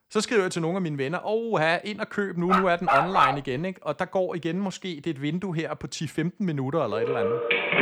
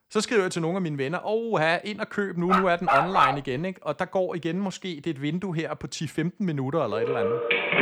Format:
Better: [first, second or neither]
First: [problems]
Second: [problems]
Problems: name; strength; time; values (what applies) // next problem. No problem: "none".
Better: neither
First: dog barking; loud; at 2.5 s; peak 5 dB above the speech // phone ringing; loud; at 7 s; peak 4 dB above the speech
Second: dog barking; loud; at 2.5 s; peak 5 dB above the speech // phone ringing; loud; at 7 s; peak 4 dB above the speech